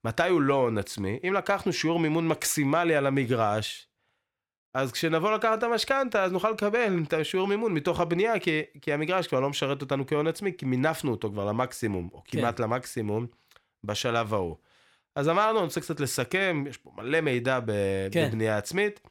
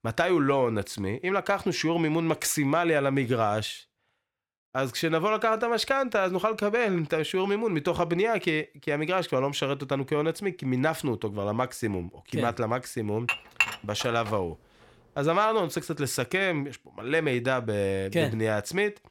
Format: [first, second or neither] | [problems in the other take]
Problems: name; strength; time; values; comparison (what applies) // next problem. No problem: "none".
first | clattering dishes; loud; from 13 to 14 s; peak 2 dB above the speech